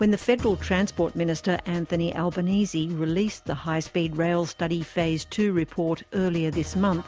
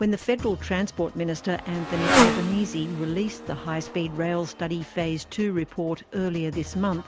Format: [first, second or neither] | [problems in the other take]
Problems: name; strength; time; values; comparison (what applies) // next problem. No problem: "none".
first | background sound (Motorcycle); 3 dB below the speech